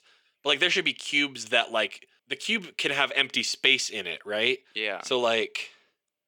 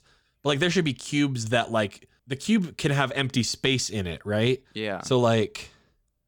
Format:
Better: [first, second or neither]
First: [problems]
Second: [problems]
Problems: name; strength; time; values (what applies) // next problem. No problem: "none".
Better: second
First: thin; somewhat; fading below 400 Hz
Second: none